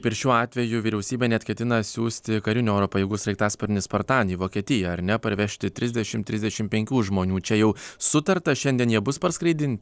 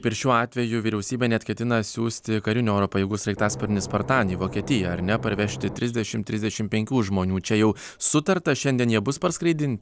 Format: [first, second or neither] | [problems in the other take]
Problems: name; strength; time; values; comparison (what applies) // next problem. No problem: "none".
first | background sound (Engine / Boat, Water vehicle); 11 dB below the speech